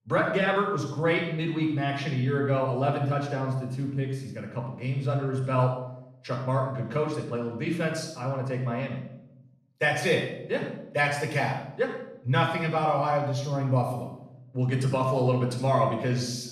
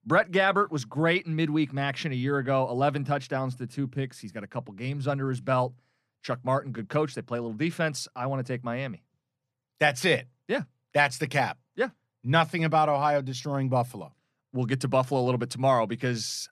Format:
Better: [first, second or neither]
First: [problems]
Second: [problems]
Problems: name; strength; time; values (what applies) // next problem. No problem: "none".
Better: second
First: off-mic speech; somewhat distant // room echo; noticeable; dies away in 0.7 s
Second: none